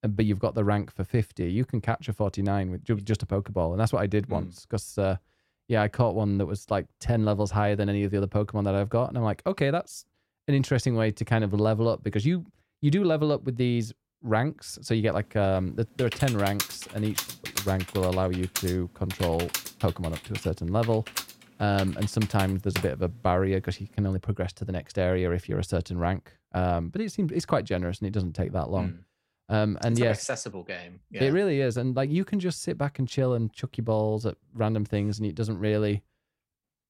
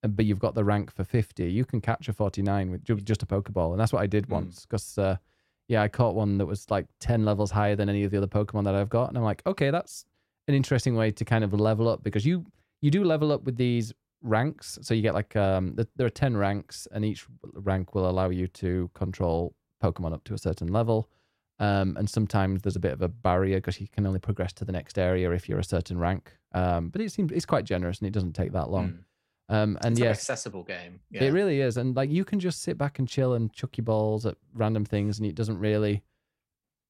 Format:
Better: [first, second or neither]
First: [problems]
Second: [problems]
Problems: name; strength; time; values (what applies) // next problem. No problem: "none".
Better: second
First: keyboard typing; noticeable; from 16 to 23 s; peak 3 dB below the speech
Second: none